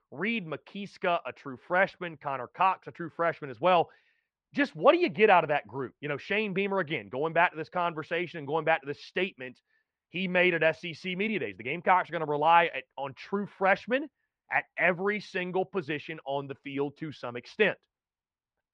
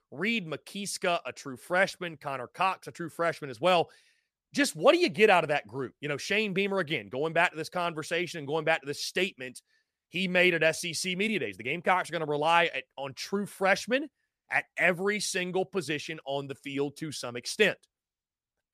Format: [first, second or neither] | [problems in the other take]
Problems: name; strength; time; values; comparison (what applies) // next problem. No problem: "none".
second | muffled; very; fading above 3 kHz